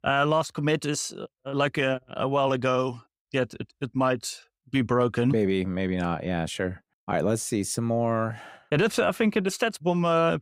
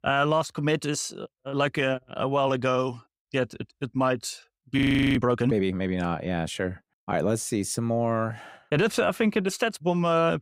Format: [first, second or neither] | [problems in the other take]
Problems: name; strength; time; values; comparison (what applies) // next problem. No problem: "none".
first | audio freezing; at 5 s